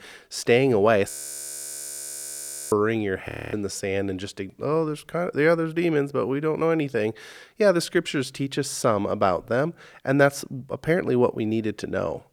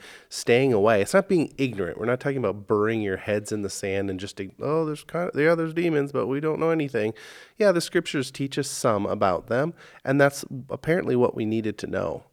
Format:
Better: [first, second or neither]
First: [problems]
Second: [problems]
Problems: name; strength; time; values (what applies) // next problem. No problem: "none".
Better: second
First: audio freezing; at 1 s for 1.5 s and at 3.5 s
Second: none